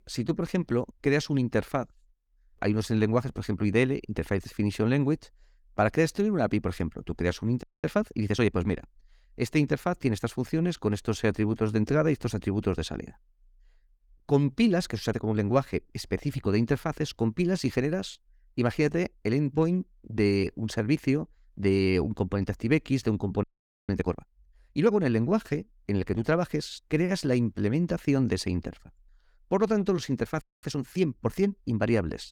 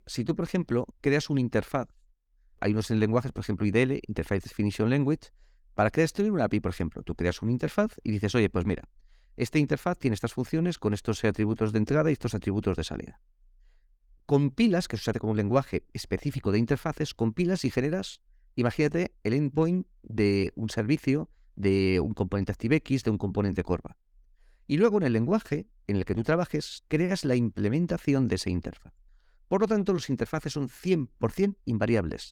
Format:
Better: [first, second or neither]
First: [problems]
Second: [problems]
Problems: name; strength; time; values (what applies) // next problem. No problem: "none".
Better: second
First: audio freezing; at 7.5 s, at 23 s and at 30 s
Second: none